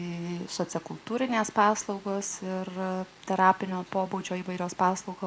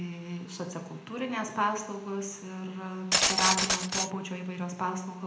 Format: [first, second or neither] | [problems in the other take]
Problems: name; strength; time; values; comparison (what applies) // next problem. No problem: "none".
first | background sound (Glass); 4 dB above the speech // room echo; dies away in 0.8 s